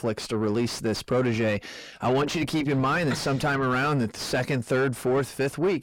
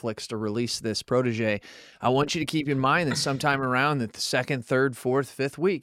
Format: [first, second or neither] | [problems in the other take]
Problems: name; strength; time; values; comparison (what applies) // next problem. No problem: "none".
second | distortion; heavy; 7 dB below the speech